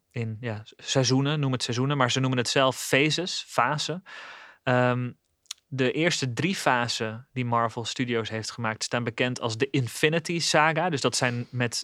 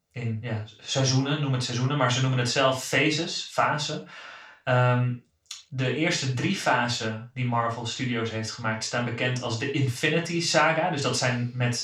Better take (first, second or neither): first